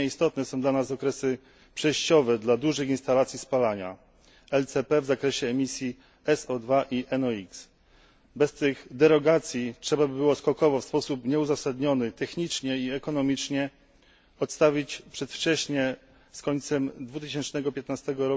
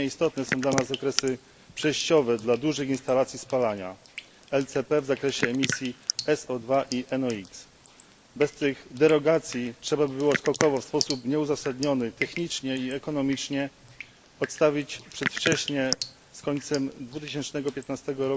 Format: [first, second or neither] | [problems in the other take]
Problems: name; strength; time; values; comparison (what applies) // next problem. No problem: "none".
first | noise reduction (neural mask model Resemble Enhance denoiser)